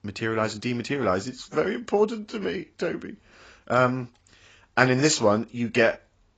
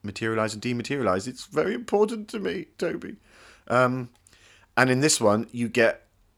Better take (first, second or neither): second